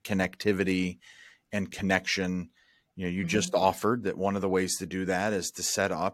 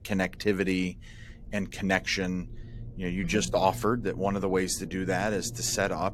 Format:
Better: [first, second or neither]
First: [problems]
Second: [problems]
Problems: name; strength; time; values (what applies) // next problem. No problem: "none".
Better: first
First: none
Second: low rumble; faint; throughout; 25 dB below the speech